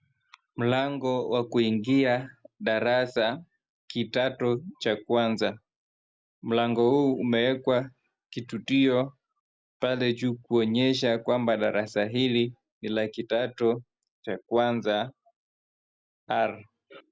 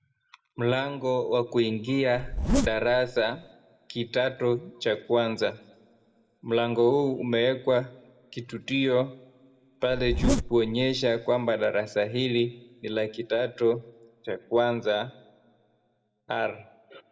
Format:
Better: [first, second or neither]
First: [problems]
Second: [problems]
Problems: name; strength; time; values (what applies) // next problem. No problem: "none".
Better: first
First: none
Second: background sound (Zipper (clothing)); 1 dB below the speech // room echo; dies away in 0.8 s